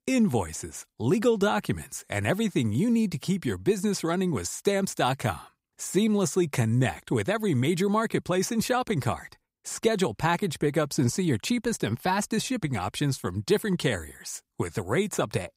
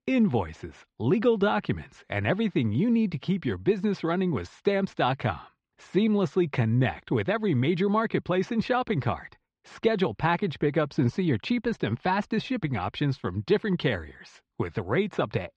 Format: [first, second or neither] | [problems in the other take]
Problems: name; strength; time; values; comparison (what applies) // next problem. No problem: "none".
first | muffled; slightly; fading above 3.5 kHz